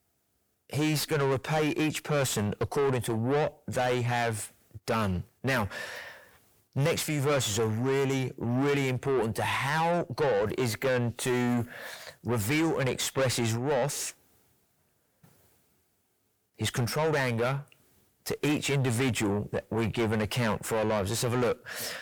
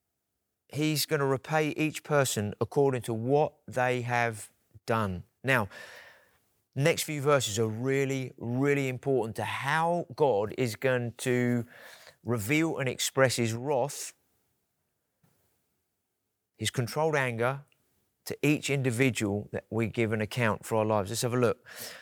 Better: second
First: distortion; heavy; 5 dB below the speech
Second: none

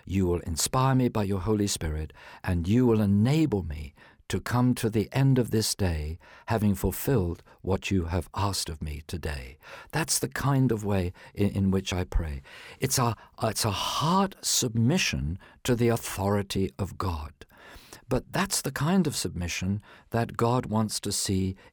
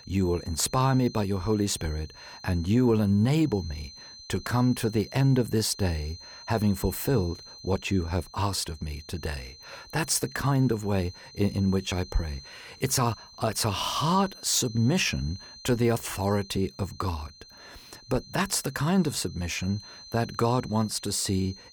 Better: first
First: none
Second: high-pitched whine; noticeable; throughout; 4 kHz, 20 dB below the speech

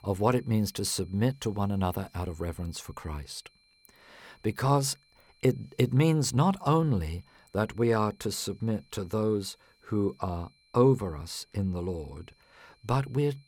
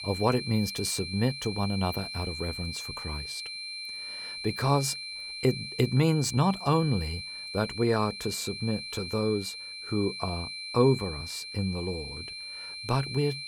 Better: first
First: high-pitched whine; faint; throughout; 4 kHz, 35 dB below the speech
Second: high-pitched whine; loud; throughout; 4 kHz, 7 dB below the speech

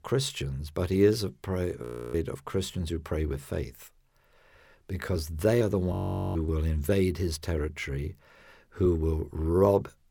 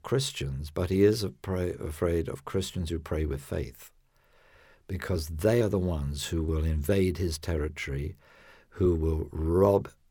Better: second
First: audio freezing; at 2 s and at 6 s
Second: none

